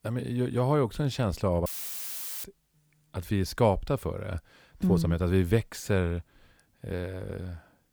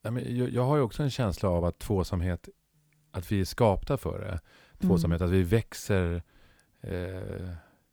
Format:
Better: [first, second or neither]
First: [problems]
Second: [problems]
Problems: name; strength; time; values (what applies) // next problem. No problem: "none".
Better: second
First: audio cutting out; filled with static; at 1.5 s for 1 s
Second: none